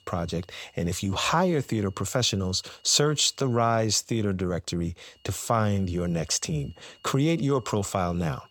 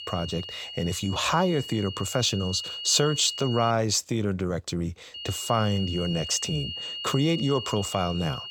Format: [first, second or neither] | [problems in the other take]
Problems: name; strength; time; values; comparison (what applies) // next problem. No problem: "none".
first | high-pitched whine; loud; until 3.5 s and from 5 s on; 3 kHz, 8 dB below the speech; faint in the first